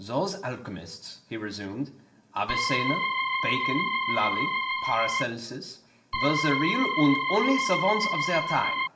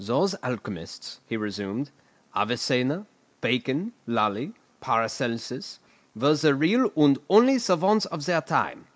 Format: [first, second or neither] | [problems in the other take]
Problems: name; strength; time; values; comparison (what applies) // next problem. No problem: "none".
second | background sound (Organ); 2 dB above the speech // room echo; dies away in 0.6 s